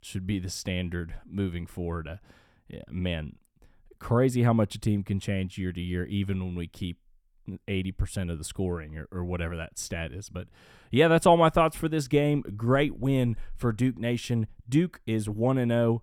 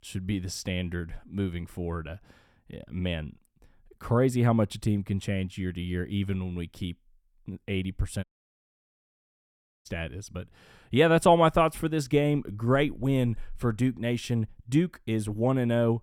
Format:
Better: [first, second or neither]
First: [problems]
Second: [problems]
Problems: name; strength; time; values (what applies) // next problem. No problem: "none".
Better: first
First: none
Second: audio cutting out; at 8 s for 1.5 s